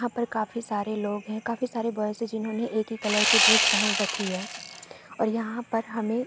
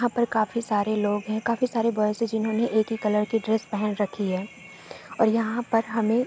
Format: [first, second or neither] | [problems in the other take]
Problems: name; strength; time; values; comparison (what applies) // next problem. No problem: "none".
second | background sound (Sawing); 5 dB above the speech